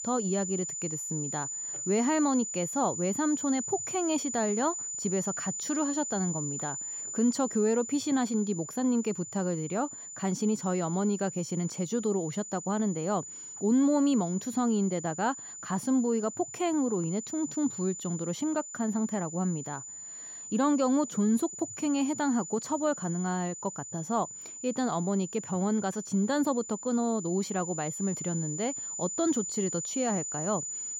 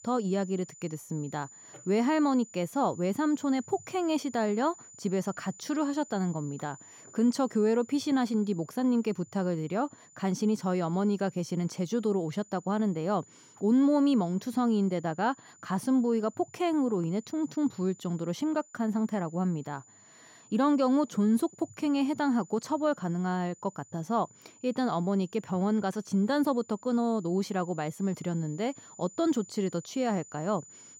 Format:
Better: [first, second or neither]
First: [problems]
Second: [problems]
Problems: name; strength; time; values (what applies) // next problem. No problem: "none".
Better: second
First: high-pitched whine; loud; throughout; 7 kHz, 6 dB below the speech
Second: high-pitched whine; faint; throughout; 7 kHz, 20 dB below the speech